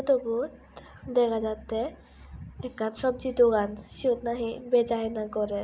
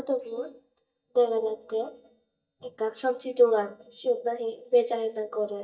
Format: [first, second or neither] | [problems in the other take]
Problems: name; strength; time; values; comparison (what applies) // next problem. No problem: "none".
first | noise reduction (neural mask model DeepFilterNet 3)